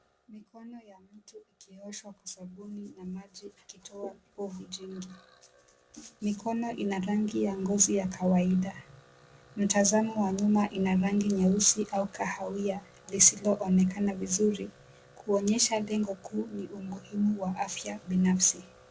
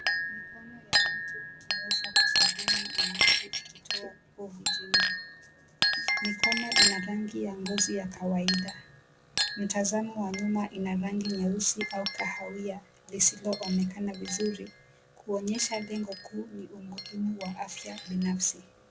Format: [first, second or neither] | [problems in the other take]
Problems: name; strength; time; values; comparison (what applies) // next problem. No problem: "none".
first | background sound (Chink, clink); 2 dB above the speech